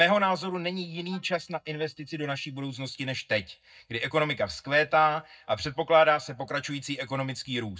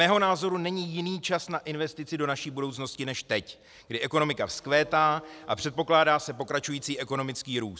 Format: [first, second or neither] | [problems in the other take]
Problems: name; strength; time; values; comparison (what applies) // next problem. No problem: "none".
second | noise reduction (neural mask model DeepFilterNet 3)